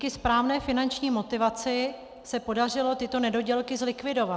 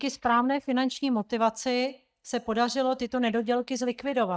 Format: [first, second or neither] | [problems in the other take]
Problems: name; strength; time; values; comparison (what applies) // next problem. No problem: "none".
first | noise reduction (neural mask model DeepFilterNet 3)